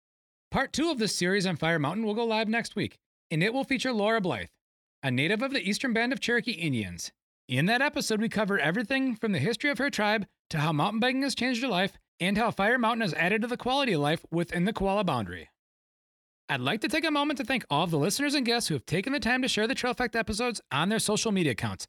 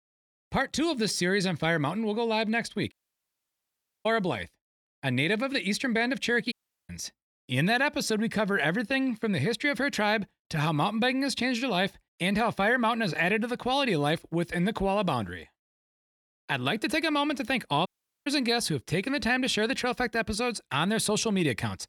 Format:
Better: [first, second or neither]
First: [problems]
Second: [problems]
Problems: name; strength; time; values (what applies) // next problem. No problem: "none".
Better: first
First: none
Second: audio cutting out; at 3 s for 1 s, at 6.5 s and at 18 s